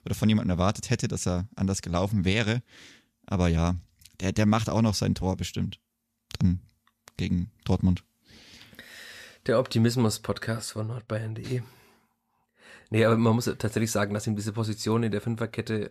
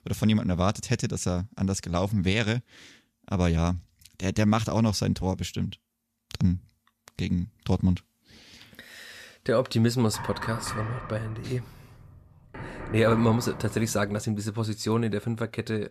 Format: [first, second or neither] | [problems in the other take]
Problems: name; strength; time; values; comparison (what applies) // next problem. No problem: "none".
first | door banging; noticeable; from 10 to 14 s; peak 7 dB below the speech